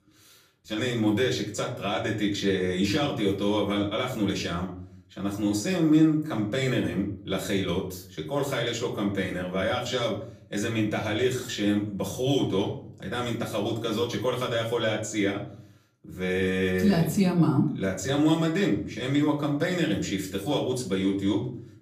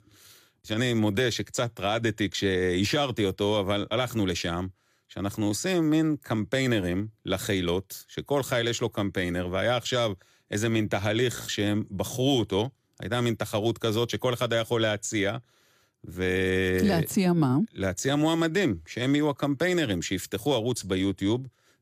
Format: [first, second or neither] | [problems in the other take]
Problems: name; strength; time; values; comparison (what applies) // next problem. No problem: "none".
second | off-mic speech; far // room echo; slight; dies away in 0.5 s